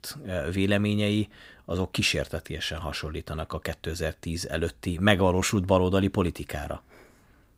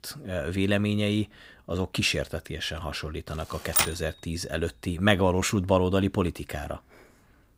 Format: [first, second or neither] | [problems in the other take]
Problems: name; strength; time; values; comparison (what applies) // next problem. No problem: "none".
first | keyboard typing; loud; at 4 s; peak 4 dB above the speech